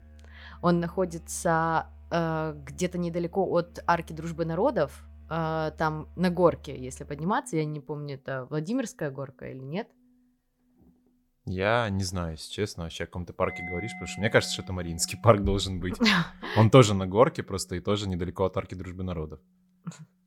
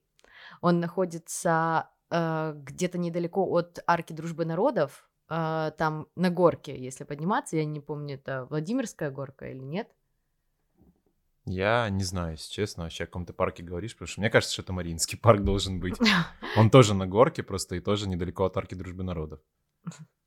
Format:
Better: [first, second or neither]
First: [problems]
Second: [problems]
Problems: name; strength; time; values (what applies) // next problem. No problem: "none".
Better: second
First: background music; noticeable; throughout; 20 dB below the speech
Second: none